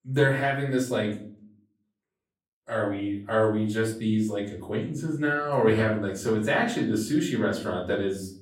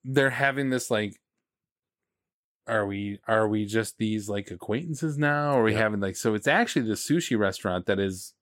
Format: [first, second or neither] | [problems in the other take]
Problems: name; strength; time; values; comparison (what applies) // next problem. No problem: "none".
second | off-mic speech; far // room echo; slight; dies away in 0.5 s